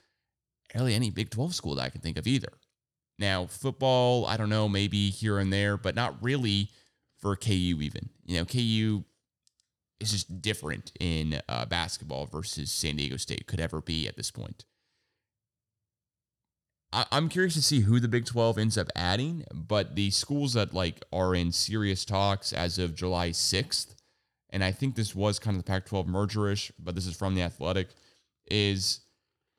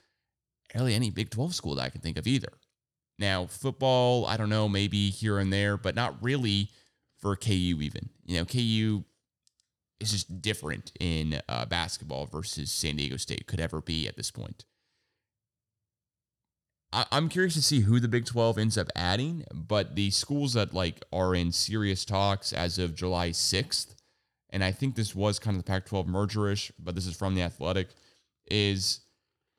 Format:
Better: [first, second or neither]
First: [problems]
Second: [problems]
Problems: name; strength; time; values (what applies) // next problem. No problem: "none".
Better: neither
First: none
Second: none